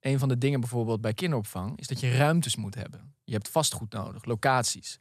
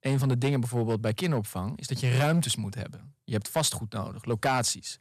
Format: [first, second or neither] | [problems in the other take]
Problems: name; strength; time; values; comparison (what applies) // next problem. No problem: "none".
first | distortion; slight; 5% of the sound clipped